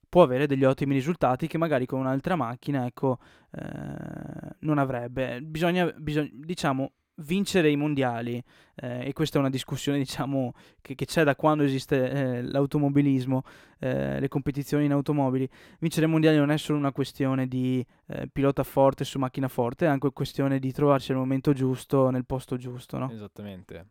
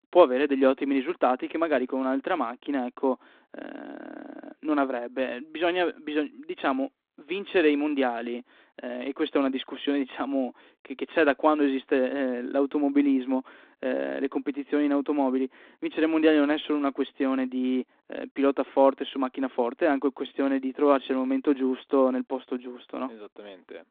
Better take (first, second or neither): first